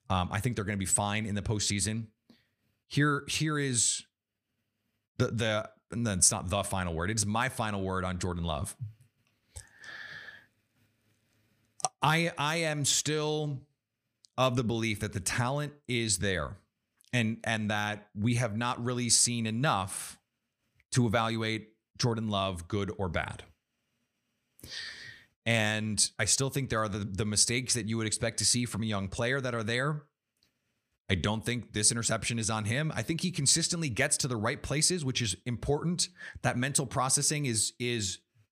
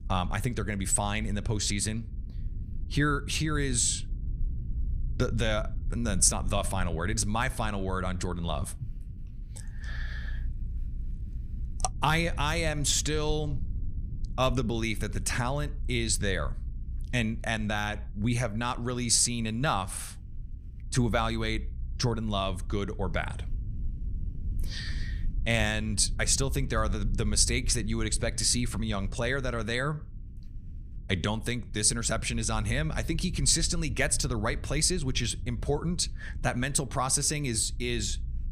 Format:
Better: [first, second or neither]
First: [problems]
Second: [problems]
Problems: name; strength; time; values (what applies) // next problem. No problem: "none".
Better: first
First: none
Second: low rumble; faint; throughout; 25 dB below the speech